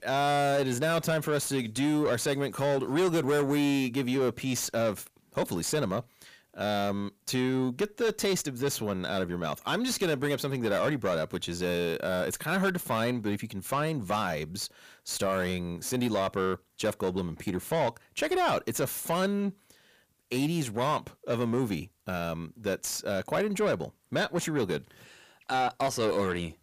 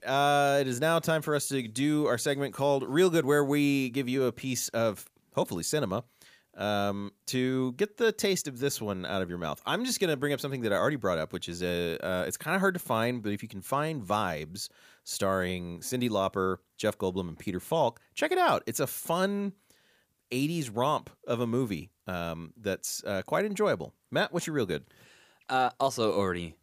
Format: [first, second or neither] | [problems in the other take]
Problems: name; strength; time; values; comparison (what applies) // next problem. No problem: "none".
second | distortion; slight; 10 dB below the speech